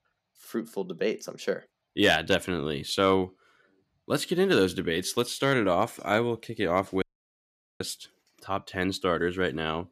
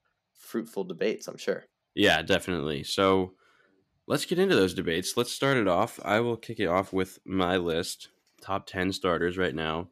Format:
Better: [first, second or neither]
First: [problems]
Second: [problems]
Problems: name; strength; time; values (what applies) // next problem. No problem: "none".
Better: second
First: audio cutting out; at 7 s for 1 s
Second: none